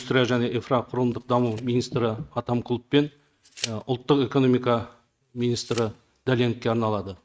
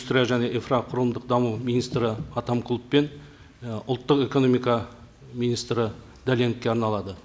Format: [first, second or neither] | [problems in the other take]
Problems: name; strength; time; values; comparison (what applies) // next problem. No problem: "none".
second | noise reduction (neural mask model RNNoise)